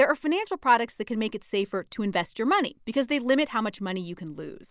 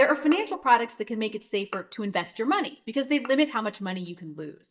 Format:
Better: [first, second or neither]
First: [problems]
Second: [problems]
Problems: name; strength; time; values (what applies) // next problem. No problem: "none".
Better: first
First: none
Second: noise reduction (neural mask model DeepFilterNet 3)